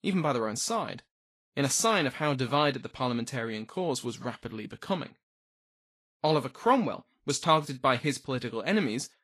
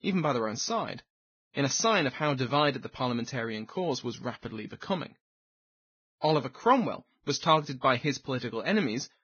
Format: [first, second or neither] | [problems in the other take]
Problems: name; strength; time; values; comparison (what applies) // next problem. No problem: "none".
first | garbled, watery; badly; nothing above 6.5 kHz; slightly in the first